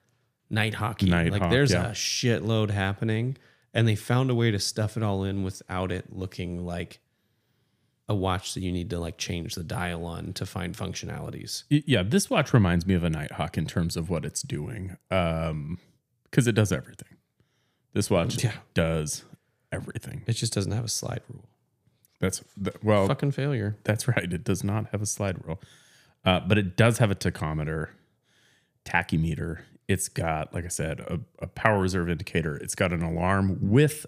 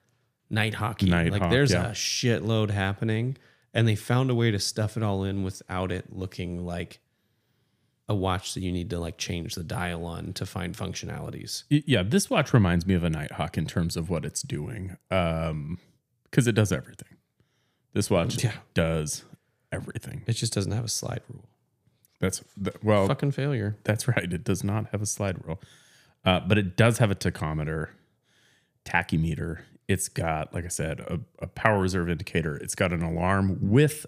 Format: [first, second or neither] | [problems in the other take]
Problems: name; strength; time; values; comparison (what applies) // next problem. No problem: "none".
neither | none